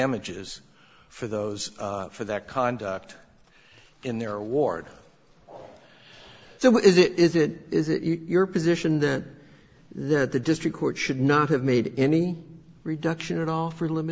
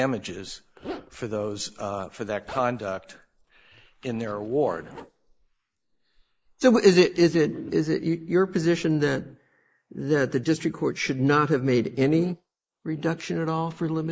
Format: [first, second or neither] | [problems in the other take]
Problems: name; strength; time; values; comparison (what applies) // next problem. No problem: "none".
first | noise reduction (neural mask model Resemble Enhance denoiser)